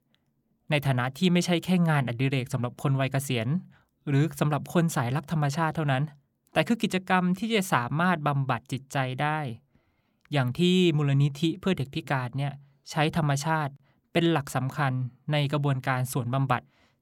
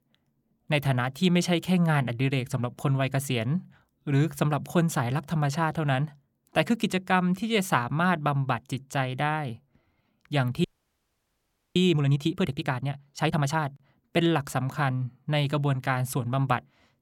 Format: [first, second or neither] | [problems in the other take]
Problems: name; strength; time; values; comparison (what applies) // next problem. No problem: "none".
first | audio freezing; at 11 s for 1 s